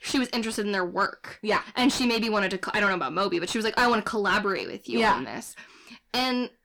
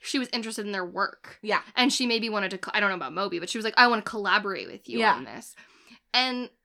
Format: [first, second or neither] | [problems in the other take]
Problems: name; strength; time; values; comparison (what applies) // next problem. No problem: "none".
second | distortion; heavy; 6 dB below the speech